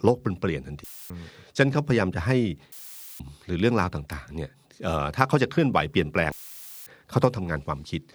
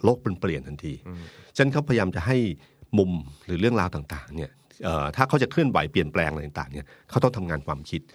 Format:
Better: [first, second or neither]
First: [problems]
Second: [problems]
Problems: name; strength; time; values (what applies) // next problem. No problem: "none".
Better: second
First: audio cutting out; filled with static; at 1 s, at 2.5 s and at 6.5 s for 0.5 s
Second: none